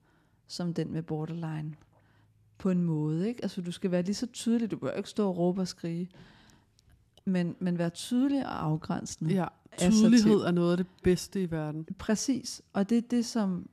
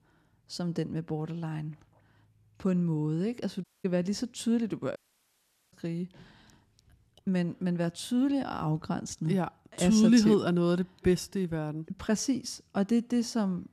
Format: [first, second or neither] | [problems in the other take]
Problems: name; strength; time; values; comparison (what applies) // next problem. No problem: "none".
first | audio cutting out; at 3.5 s and at 5 s for 1 s